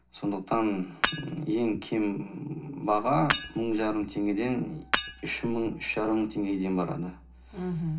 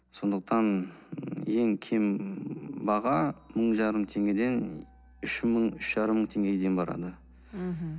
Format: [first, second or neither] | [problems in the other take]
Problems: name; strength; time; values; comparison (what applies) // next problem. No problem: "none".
second | background sound (Shatter / Hammer); 6 dB below the speech // room echo; dies away in 0.3 s